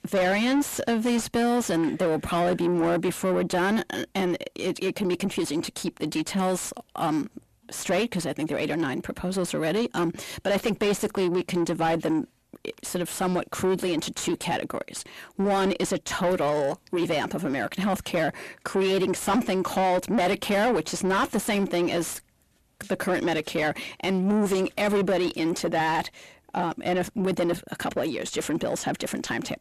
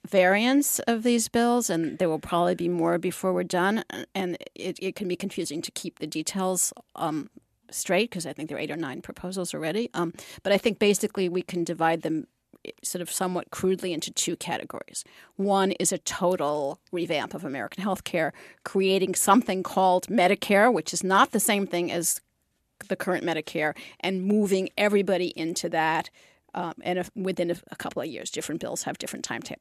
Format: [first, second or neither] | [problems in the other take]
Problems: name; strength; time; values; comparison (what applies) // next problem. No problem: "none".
second | distortion; heavy; 6 dB below the speech